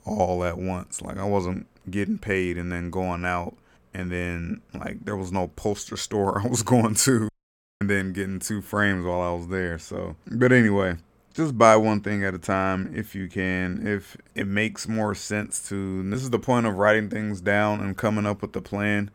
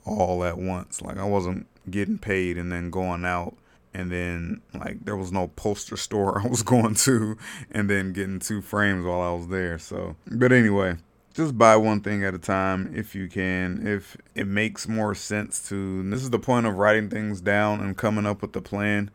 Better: second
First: audio cutting out; at 7.5 s for 0.5 s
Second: none

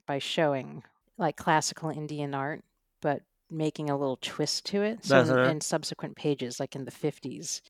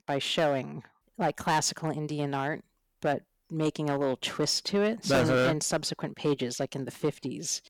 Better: first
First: none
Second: distortion; heavy; 4% of the sound clipped

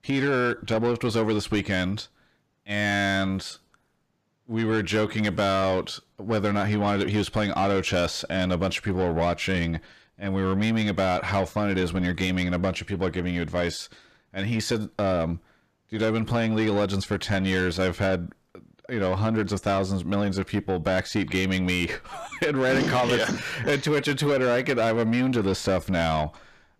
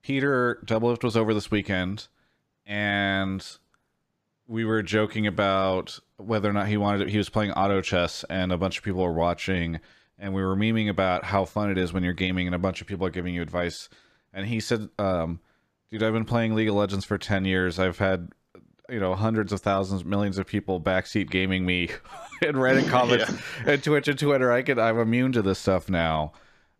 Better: second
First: distortion; slight; 10 dB below the speech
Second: none

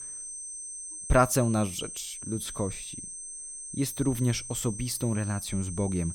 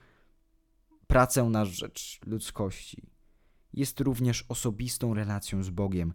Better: second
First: high-pitched whine; loud; throughout; 8.5 kHz, 8 dB below the speech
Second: none

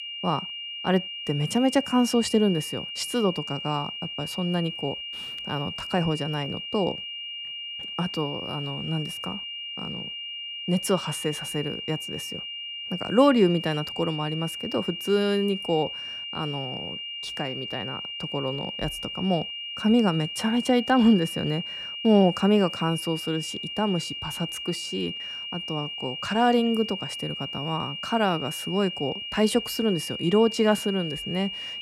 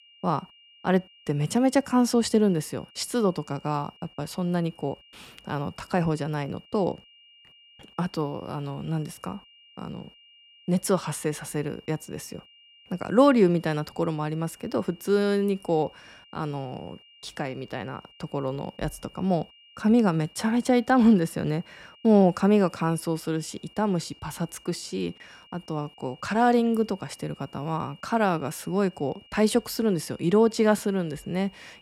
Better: second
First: high-pitched whine; loud; throughout; 3 kHz, 6 dB below the speech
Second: high-pitched whine; faint; throughout; 3 kHz, 25 dB below the speech

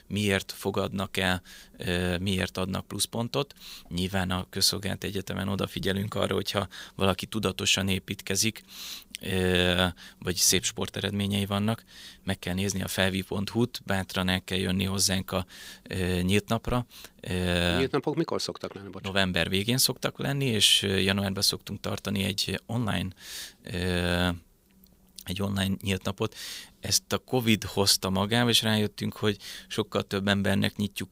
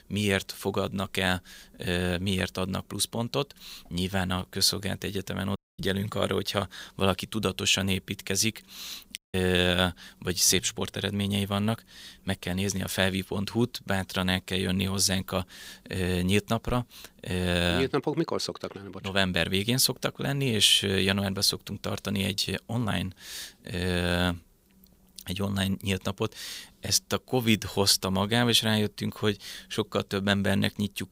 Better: first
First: none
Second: audio cutting out; at 5.5 s and at 9 s

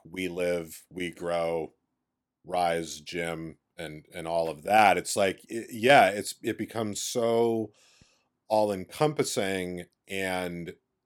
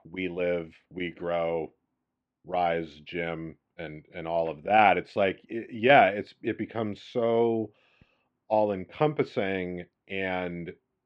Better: first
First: none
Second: muffled; very; fading above 3 kHz

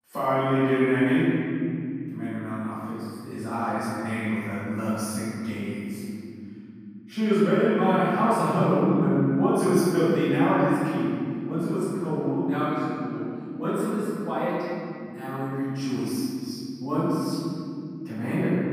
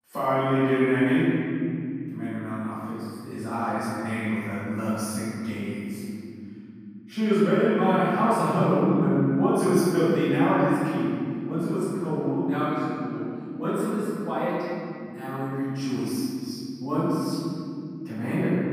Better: neither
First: off-mic speech; far // room echo; strong; dies away in 3 s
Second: off-mic speech; far // room echo; strong; dies away in 3 s

